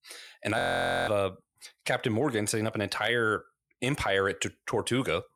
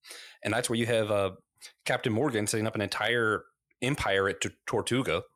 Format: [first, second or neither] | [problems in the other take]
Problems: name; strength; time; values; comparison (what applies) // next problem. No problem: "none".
second | audio freezing; at 0.5 s